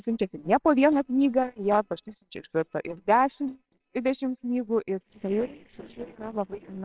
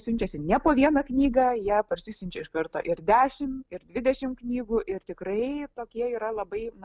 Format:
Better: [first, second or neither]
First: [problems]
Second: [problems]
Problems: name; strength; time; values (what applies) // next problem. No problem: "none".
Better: second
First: noise reduction (neural separator model SepFormer WHAMR!)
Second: none